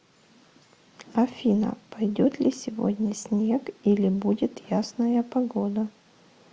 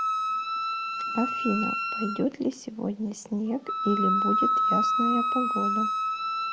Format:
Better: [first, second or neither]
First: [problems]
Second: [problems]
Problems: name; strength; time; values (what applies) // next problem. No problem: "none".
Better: first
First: none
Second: background sound (Wind instrument, woodwind instrument); 3 dB above the speech